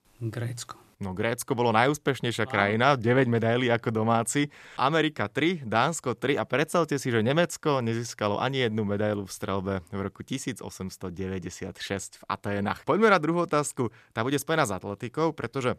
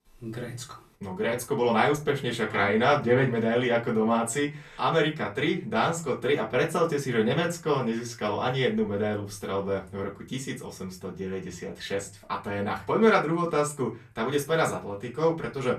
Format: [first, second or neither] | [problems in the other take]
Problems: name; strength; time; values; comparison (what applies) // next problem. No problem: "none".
first | off-mic speech; far // room echo; very slight; dies away in 0.2 s